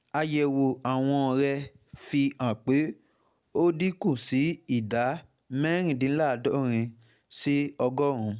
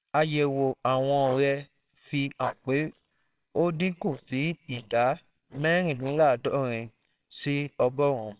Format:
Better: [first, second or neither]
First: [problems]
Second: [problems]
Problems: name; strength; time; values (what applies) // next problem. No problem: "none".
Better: first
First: none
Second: noise reduction (neural separator model SepFormer WHAMR!)